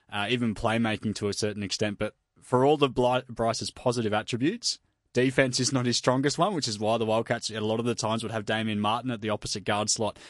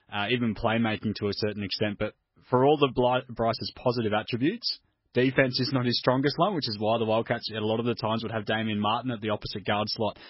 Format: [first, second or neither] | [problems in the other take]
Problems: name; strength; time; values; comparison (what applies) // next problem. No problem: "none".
first | garbled, watery; badly; nothing above 5.5 kHz; slightly in the first